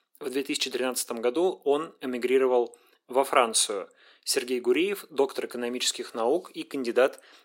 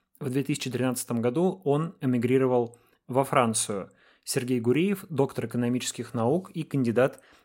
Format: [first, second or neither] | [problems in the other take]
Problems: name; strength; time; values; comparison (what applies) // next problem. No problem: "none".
second | thin; somewhat; fading below 350 Hz